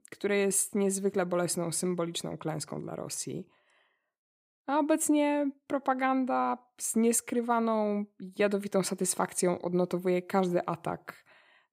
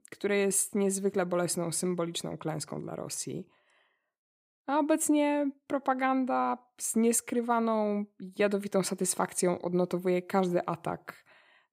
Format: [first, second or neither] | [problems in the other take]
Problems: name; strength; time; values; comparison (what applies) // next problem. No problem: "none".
neither | none